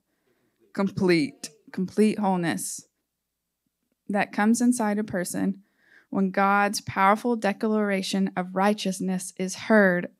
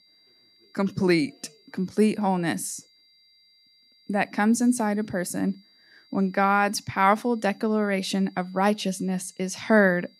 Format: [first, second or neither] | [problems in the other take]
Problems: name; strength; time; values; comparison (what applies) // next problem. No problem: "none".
first | high-pitched whine; faint; throughout; 4.5 kHz, 30 dB below the speech